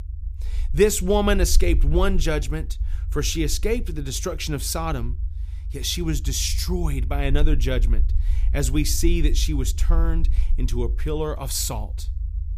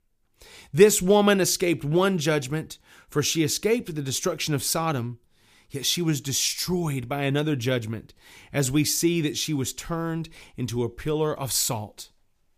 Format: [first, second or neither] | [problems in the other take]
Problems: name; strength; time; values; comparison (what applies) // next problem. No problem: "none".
second | low rumble; faint; throughout; 20 dB below the speech